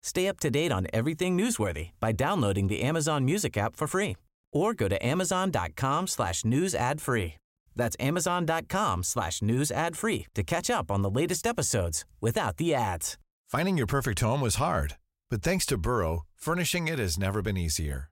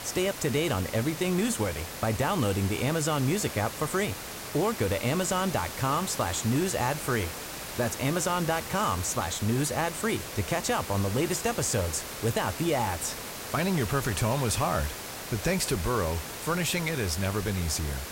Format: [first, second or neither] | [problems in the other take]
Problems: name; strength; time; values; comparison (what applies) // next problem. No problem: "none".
first | hiss; loud; throughout; 8 dB below the speech